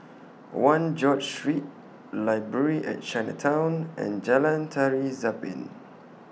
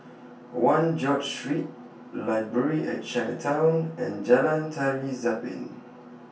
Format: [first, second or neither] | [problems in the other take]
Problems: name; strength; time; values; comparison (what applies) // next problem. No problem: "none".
first | room echo; dies away in 0.2 s